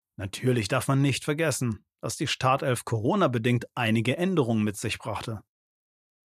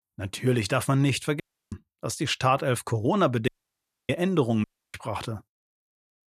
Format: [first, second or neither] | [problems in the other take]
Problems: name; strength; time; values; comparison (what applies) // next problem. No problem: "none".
first | audio cutting out; at 1.5 s, at 3.5 s for 0.5 s and at 4.5 s